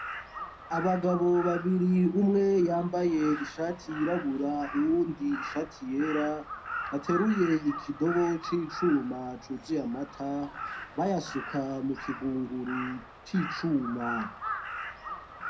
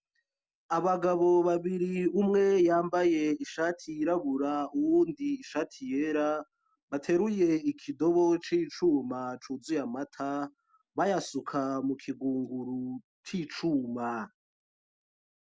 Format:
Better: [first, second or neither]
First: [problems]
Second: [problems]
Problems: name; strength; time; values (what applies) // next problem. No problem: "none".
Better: second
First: background sound (Crow); 10 dB below the speech // room echo; dies away in 0.4 s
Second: none